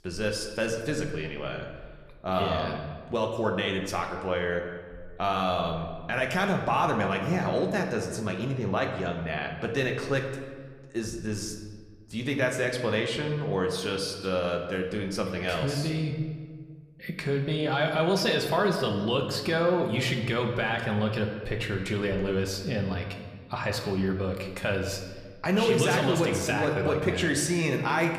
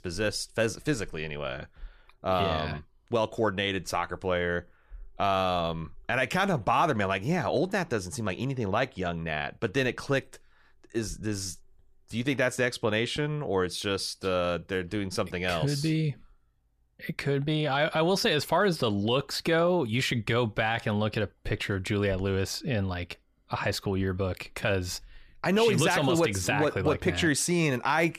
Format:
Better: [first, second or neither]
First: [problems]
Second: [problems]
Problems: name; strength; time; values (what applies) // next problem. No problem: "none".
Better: second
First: room echo; slight; dies away in 1.2 s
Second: none